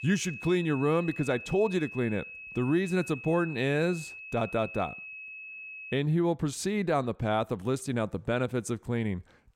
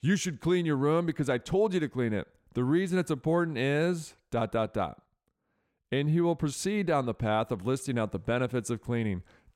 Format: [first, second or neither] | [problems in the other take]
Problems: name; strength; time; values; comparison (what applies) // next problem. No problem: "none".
second | high-pitched whine; noticeable; until 6 s; 2.5 kHz, 10 dB below the speech